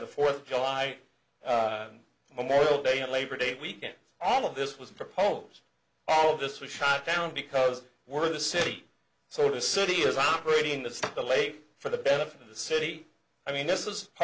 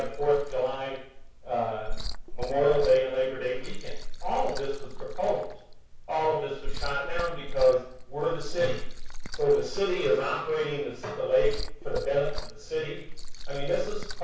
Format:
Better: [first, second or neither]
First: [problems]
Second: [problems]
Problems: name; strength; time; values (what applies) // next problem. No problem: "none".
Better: first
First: none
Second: background sound (Liquid); 3 dB below the speech // room echo; dies away in 0.6 s